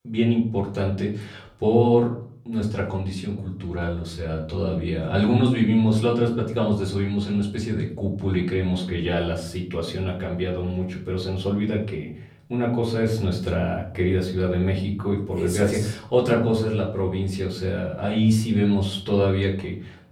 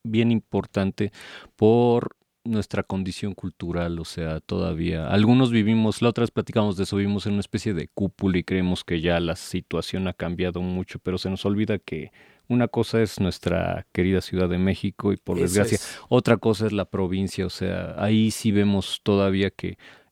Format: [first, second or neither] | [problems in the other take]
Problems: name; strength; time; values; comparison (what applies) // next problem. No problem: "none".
second | off-mic speech; far // room echo; slight; dies away in 0.5 s